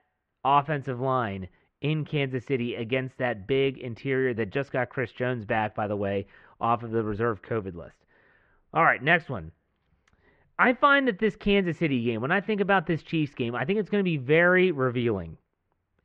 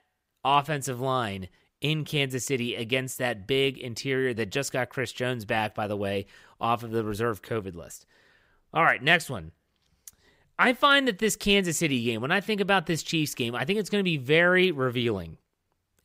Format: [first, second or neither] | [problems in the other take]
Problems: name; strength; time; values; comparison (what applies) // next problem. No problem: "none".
second | muffled; very; fading above 2 kHz